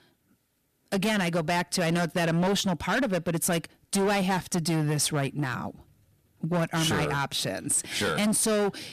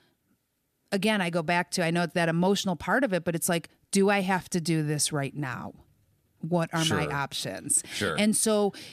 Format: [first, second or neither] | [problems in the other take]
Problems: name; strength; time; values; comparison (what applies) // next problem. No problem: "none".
second | distortion; heavy; 17% of the sound clipped